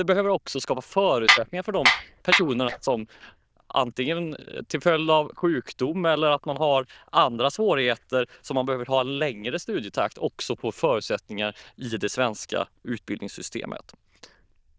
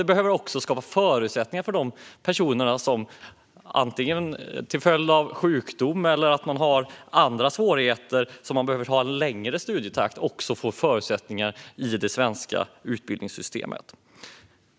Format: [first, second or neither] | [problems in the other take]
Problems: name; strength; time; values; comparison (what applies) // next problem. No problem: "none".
second | noise reduction (neural diffusion model UNIVERSE++)